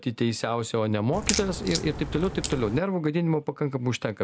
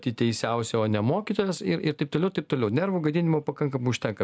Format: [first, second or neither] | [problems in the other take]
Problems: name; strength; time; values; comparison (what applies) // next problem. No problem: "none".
second | background sound (Crack); 5 dB below the speech